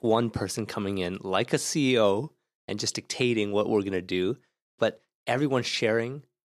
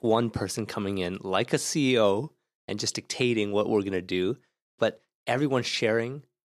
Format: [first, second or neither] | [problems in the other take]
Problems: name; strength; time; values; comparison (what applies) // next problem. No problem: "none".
neither | none